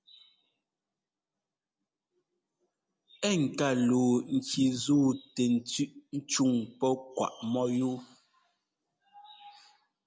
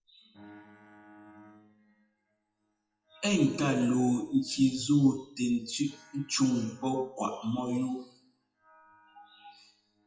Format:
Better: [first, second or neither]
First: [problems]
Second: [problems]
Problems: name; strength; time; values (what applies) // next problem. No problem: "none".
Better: first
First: none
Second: noise reduction (classical method WPE with log-MMSE)